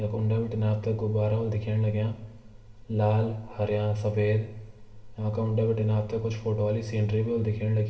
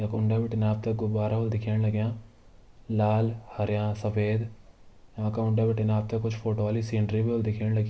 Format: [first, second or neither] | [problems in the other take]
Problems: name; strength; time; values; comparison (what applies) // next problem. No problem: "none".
second | room echo; dies away in 1.6 s